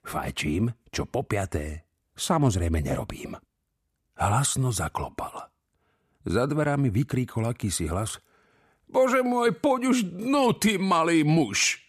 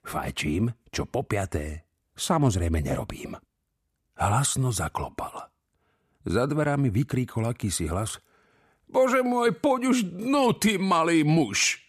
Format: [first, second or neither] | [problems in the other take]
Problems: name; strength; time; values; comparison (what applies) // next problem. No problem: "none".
neither | none